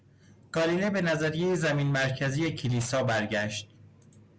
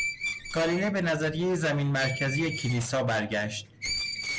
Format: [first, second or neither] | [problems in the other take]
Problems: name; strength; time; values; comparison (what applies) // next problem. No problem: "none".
first | background sound (Screech); 8 dB below the speech